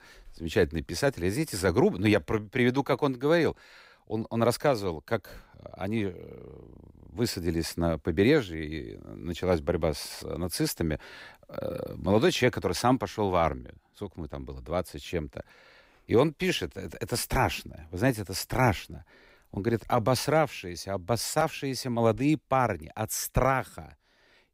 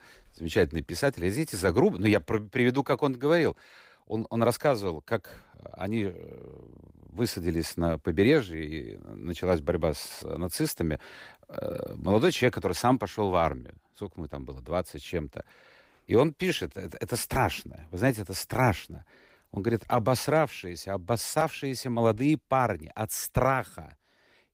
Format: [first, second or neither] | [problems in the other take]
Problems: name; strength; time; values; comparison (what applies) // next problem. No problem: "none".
first | garbled, watery; slightly; nothing above 15.5 kHz